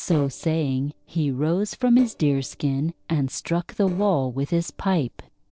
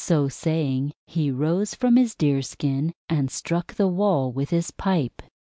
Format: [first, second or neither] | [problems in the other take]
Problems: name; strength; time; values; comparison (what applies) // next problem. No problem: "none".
second | noise reduction (neural separator model SepFormer DNS4)